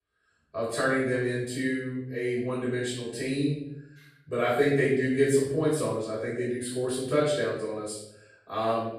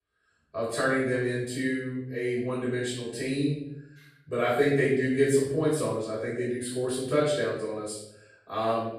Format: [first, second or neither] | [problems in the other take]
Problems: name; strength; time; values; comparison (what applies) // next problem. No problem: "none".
neither | room echo; noticeable; dies away in 0.8 s; the same in both // off-mic speech; far; the same in both